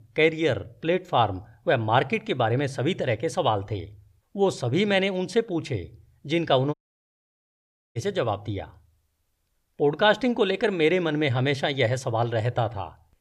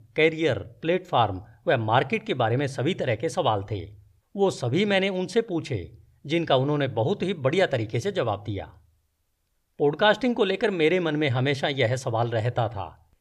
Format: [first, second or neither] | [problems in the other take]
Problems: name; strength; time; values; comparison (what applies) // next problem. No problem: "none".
second | audio cutting out; at 6.5 s for 1 s